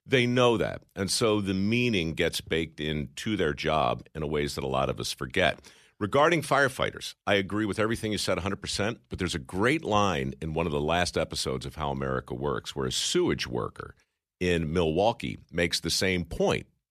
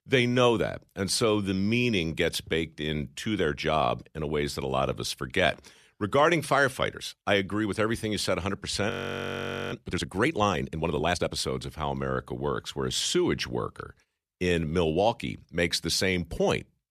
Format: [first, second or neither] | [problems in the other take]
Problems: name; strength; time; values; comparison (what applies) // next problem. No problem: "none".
first | audio freezing; at 9 s for 1 s